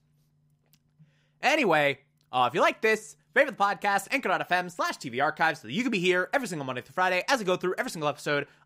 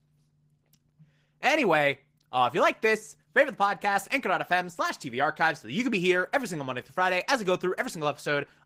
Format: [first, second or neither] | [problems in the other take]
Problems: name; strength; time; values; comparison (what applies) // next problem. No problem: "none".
first | garbled, watery; slightly; nothing above 15.5 kHz